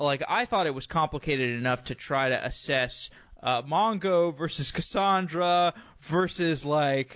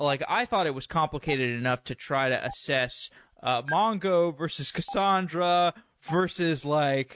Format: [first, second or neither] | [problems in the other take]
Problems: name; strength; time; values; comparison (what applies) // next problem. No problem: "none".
first | noise reduction (neural mask model RNNoise)